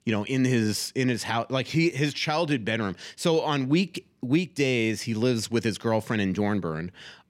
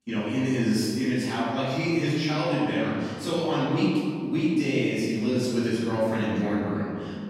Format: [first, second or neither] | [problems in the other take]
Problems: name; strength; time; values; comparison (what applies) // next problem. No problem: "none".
first | off-mic speech; far // room echo; strong; dies away in 1.8 s